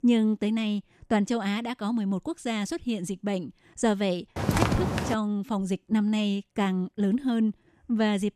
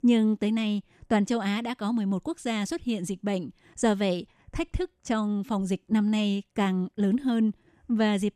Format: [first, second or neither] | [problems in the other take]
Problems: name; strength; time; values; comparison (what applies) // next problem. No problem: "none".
second | footsteps; loud; at 4.5 s; peak 3 dB above the speech